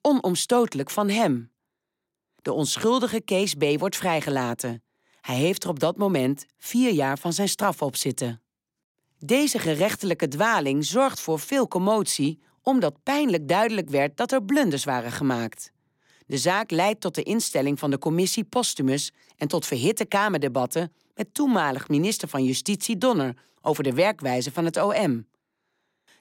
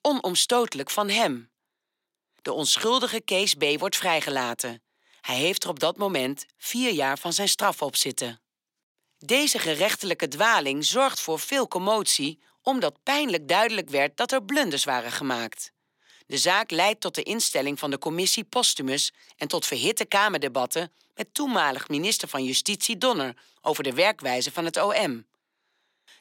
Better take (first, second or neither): first